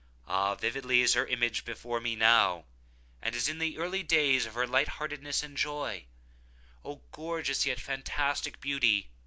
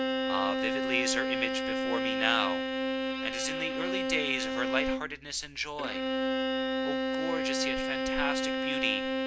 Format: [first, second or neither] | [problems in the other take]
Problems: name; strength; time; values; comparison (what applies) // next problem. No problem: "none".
first | background sound (Bowed string instrument); 4 dB above the speech